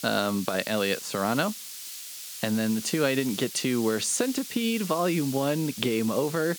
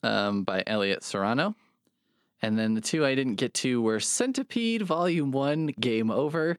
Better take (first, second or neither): second